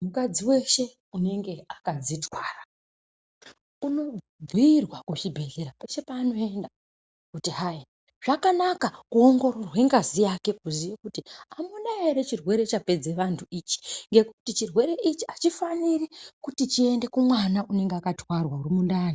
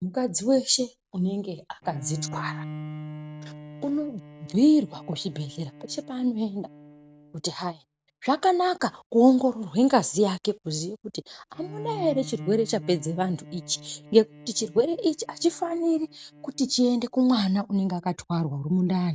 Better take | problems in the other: first | noise reduction (neural mask model RNNoise)

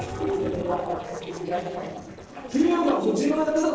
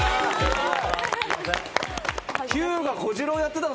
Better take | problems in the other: second | noise reduction (neural separator model SepFormer DNS4)

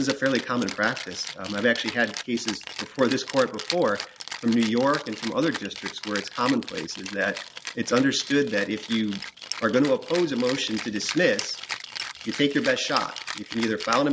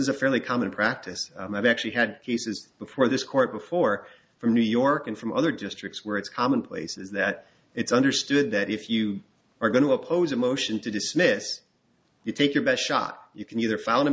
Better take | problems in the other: second | background sound (Rattle (instrument)); 11 dB below the speech

